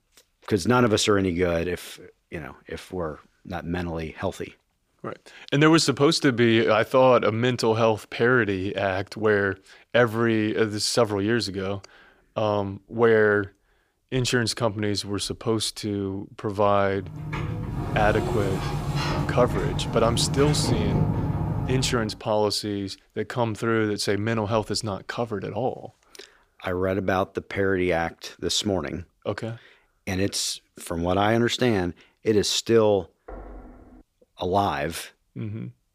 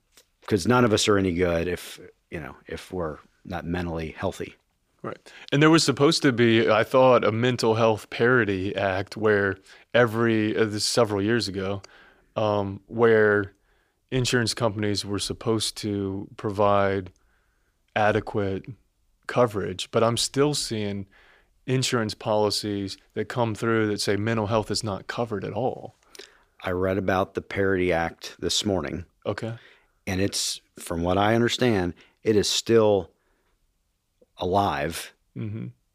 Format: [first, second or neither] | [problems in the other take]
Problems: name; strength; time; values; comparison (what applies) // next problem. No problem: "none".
second | door banging; loud; from 17 to 22 s; peak level with the speech // door banging; faint; at 33 s; peak 20 dB below the speech